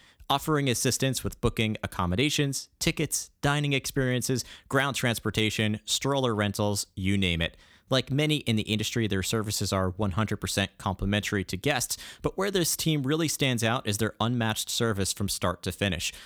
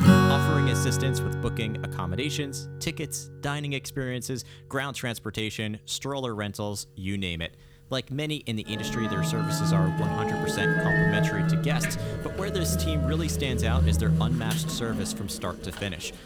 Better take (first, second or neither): first